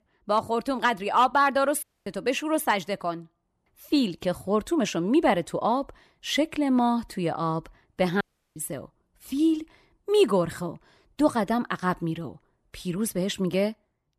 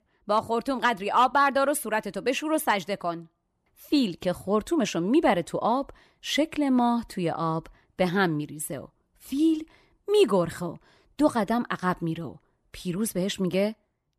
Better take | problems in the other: second | audio cutting out; at 2 s and at 8 s

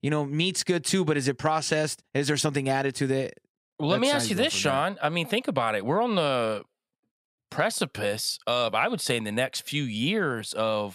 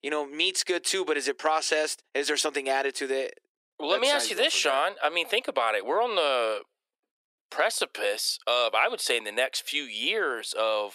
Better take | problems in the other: first | thin; very; fading below 350 Hz

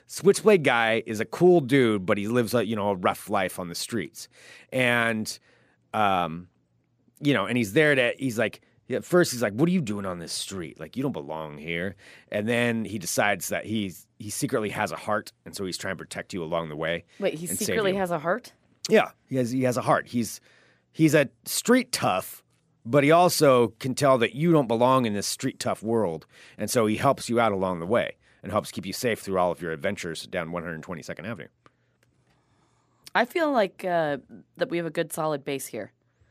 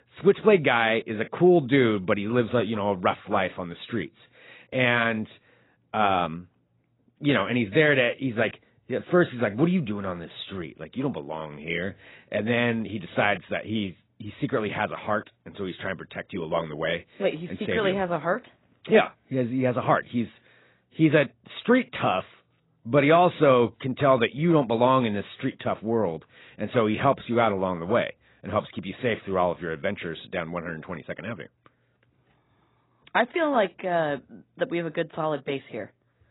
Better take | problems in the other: first | garbled, watery; badly; nothing above 4 kHz

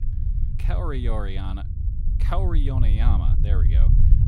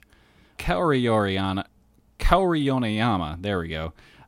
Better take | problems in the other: second | low rumble; loud; throughout; 6 dB below the speech

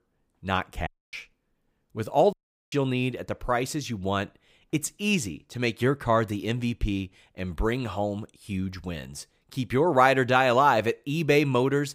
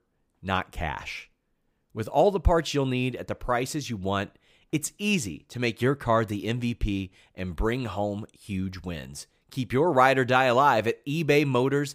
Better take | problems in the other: second | audio cutting out; at 1 s and at 2.5 s

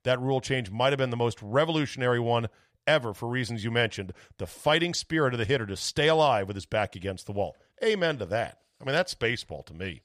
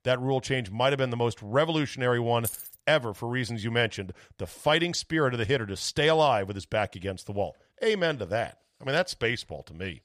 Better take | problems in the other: first | jangling keys; noticeable; at 2.5 s; peak 7 dB below the speech

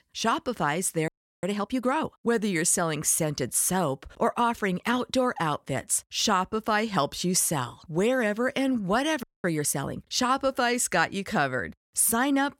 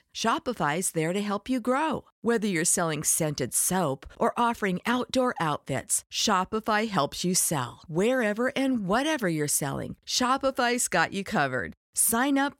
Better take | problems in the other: second | audio freezing; at 1 s and at 9 s

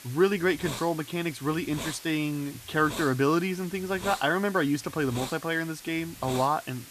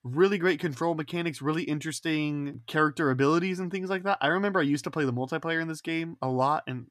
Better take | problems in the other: second | hiss; noticeable; throughout; 10 dB below the speech

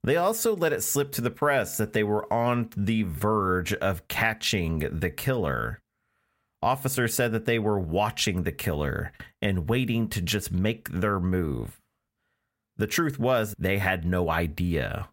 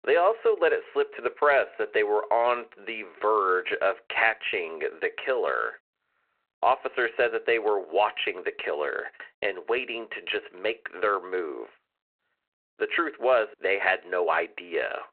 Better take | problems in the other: first | phone-call audio

